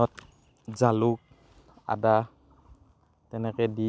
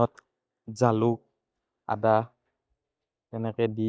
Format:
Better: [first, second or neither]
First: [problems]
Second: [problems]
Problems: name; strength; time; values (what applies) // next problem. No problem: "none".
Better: first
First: none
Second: noise reduction (neural mask model DeepFilterNet 3)